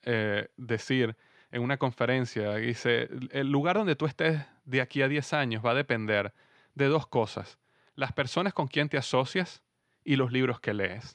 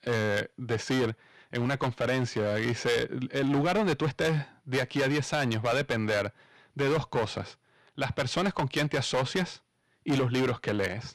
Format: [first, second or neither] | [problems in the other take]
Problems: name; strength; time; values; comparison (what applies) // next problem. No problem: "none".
first | distortion; heavy; 12% of the sound clipped